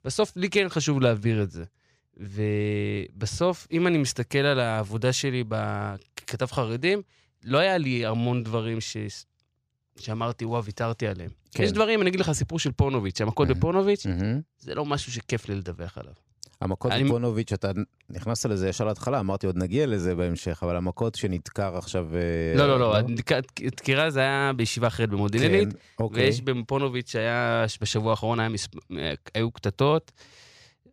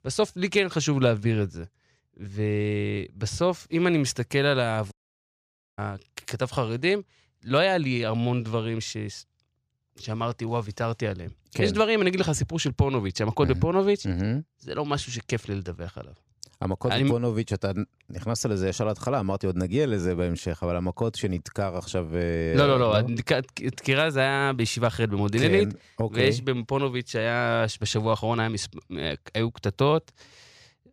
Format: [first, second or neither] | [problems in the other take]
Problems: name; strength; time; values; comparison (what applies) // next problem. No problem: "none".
first | audio cutting out; at 5 s for 1 s